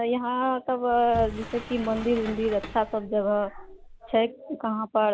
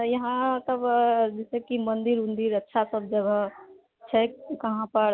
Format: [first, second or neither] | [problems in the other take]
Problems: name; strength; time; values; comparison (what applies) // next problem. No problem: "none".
second | background sound (Sliding door); 13 dB below the speech